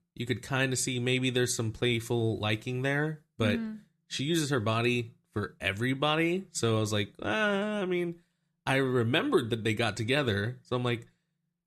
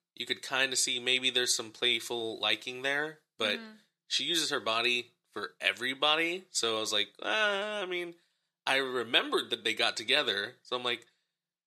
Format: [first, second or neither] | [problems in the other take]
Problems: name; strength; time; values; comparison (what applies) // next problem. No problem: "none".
first | thin; somewhat; fading below 500 Hz